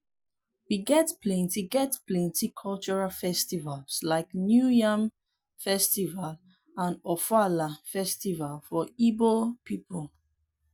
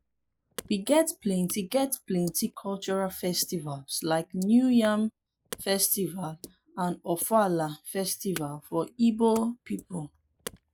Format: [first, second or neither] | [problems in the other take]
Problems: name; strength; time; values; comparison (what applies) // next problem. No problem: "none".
first | noise reduction (neural mask model Resemble Enhance denoiser)